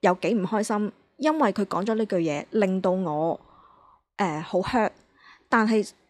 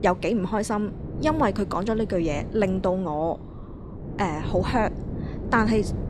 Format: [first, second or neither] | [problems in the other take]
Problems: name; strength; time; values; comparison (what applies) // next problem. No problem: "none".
first | wind noise on the microphone; occasional gusts; 15 dB below the speech